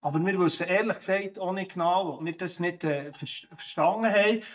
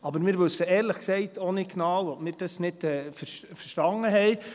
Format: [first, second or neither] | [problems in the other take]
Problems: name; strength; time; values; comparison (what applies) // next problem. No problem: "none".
second | noise reduction (neural mask model DeepFilterNet 3)